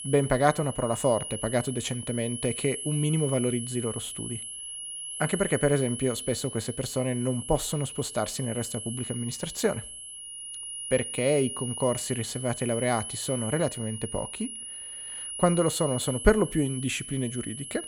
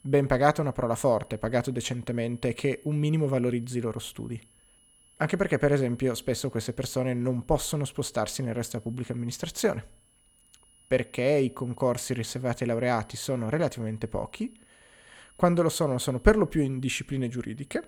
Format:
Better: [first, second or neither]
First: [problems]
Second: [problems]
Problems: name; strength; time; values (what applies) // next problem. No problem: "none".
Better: second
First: high-pitched whine; loud; throughout; 10.5 kHz, 7 dB below the speech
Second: high-pitched whine; faint; throughout; 10.5 kHz, 30 dB below the speech